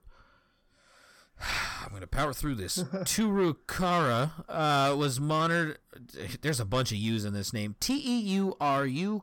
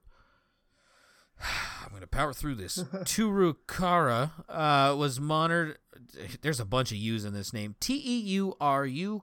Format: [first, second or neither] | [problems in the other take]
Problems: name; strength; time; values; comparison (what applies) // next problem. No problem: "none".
second | distortion; slight; 10 dB below the speech